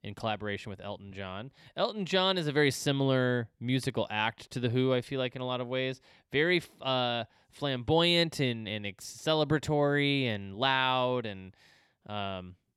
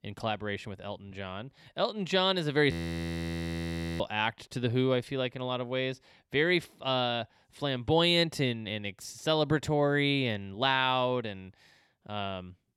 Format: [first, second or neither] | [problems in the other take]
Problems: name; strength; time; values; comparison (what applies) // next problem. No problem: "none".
first | audio freezing; at 2.5 s for 1.5 s